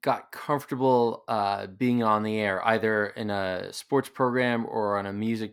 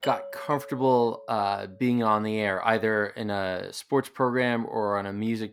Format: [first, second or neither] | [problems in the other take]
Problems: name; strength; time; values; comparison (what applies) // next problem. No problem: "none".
first | doorbell; faint; until 1.5 s; peak 10 dB below the speech